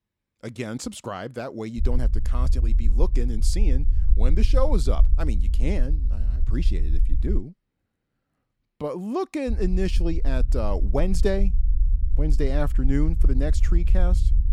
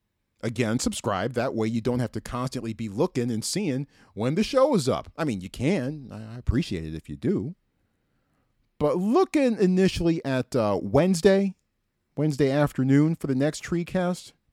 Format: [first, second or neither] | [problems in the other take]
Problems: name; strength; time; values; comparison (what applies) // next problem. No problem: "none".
second | low rumble; noticeable; from 2 to 7.5 s and from 9.5 s on; 15 dB below the speech